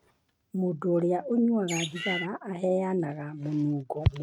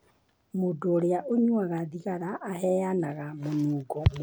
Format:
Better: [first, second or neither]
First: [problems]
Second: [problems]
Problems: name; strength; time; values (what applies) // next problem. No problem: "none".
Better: second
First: noise reduction (neural mask model RNNoise)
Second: none